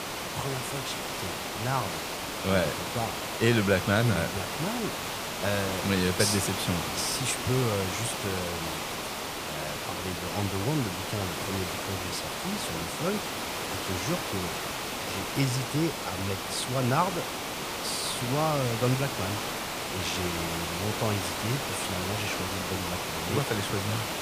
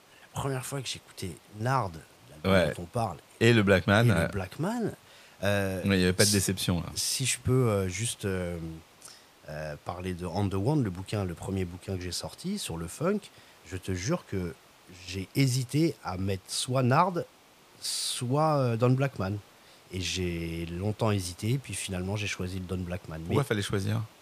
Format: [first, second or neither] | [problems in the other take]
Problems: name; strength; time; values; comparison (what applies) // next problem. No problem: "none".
second | hiss; loud; throughout; 1 dB below the speech; faint in the second